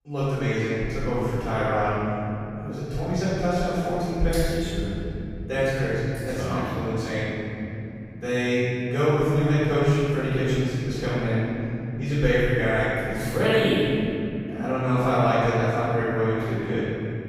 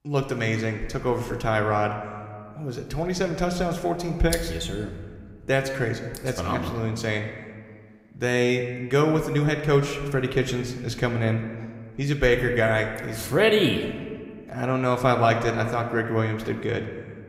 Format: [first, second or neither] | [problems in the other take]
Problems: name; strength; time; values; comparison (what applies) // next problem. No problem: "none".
second | room echo; strong; dies away in 3 s; slight in the second // off-mic speech; far